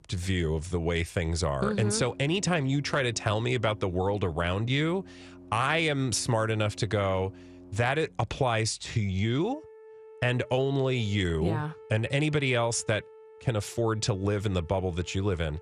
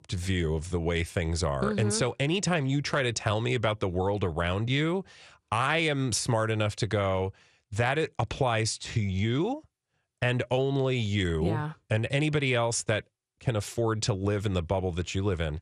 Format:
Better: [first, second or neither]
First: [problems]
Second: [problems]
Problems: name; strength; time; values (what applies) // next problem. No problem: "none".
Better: second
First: background music; faint; throughout; 20 dB below the speech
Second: none